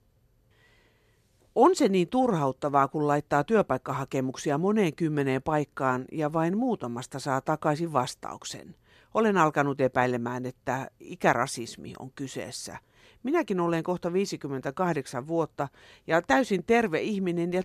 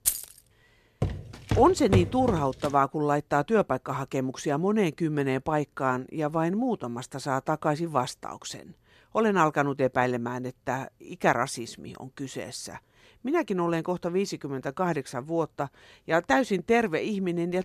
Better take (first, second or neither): first